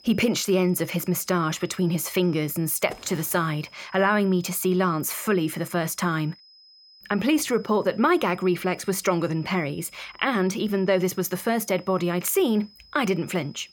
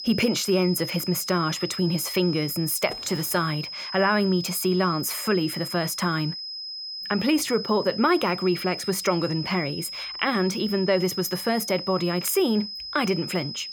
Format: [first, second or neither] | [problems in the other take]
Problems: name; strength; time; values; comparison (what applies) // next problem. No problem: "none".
first | high-pitched whine; loud; throughout; 5 kHz, 8 dB below the speech; faint in the first